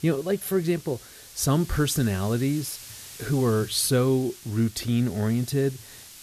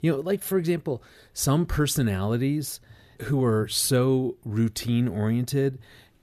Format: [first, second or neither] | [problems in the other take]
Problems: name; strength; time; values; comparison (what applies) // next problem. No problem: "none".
second | hiss; noticeable; throughout; 15 dB below the speech